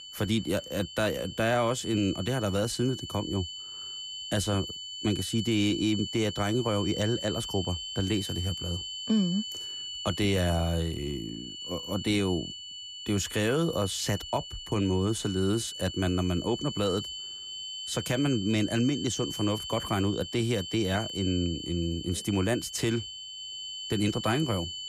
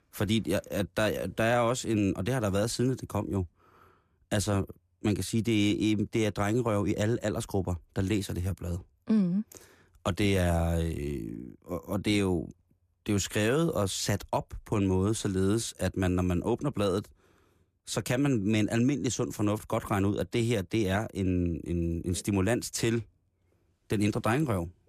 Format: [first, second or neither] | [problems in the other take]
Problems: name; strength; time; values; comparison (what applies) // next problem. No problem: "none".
second | high-pitched whine; loud; throughout; 3 kHz, 7 dB below the speech